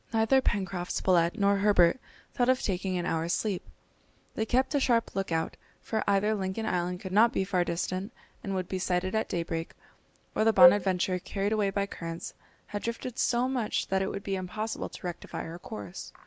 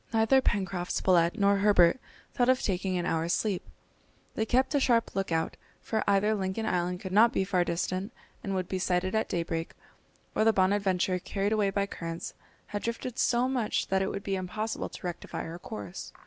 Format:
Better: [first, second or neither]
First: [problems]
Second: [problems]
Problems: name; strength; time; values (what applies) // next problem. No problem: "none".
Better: second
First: background sound (Wind instrument, woodwind instrument); 4 dB above the speech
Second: none